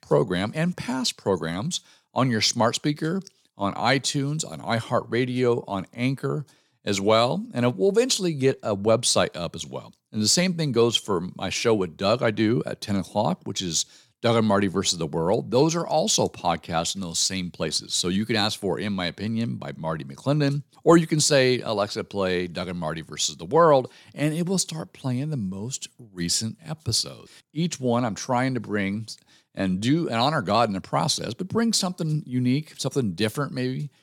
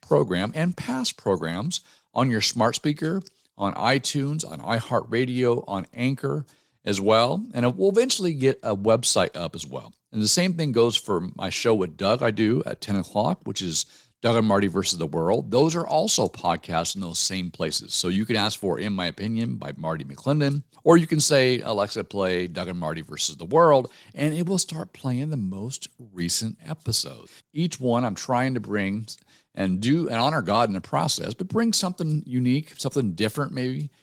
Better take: first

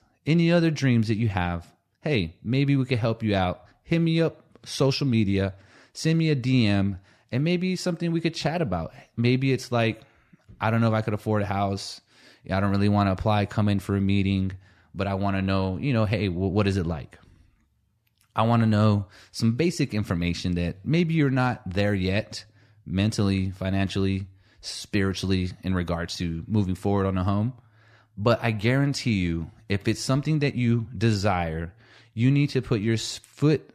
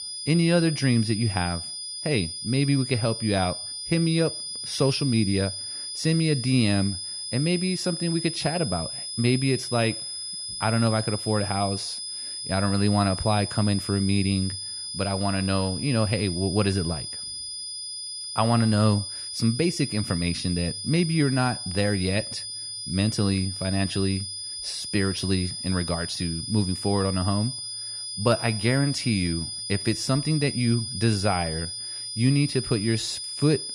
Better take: first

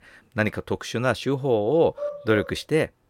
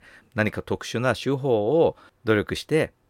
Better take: second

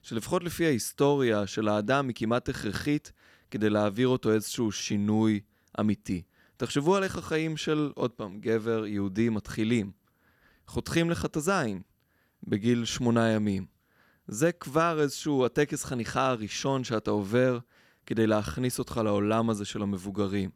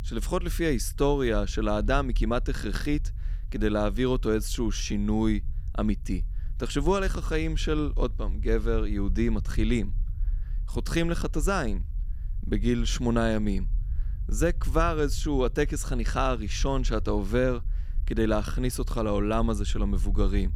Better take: first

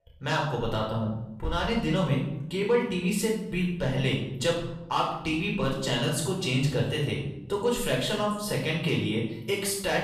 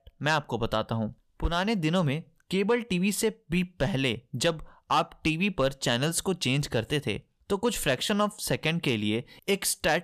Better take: second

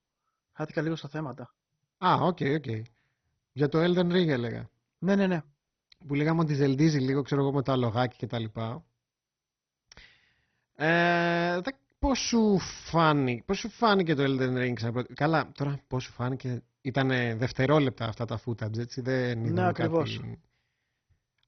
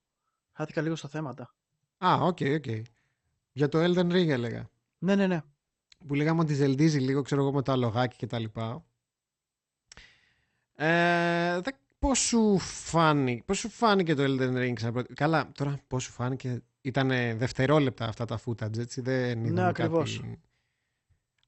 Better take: second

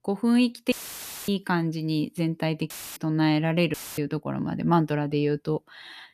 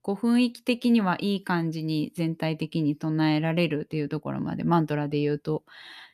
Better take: second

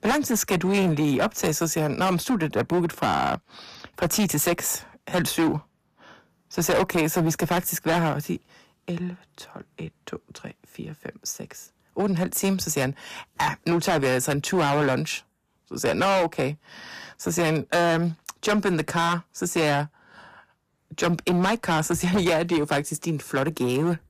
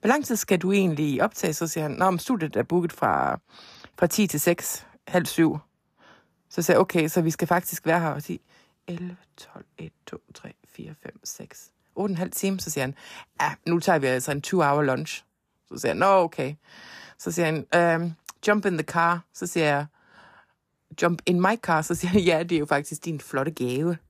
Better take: second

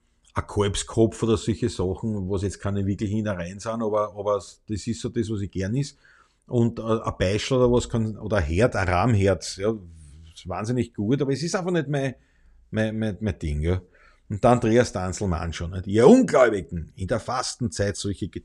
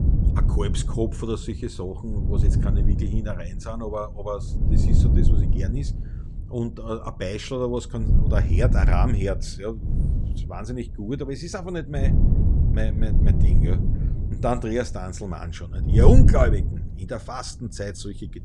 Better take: first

